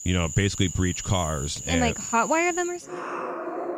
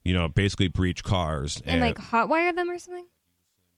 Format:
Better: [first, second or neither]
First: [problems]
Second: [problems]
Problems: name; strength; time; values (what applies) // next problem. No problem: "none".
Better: second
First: animal sounds; loud; throughout; 8 dB below the speech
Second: none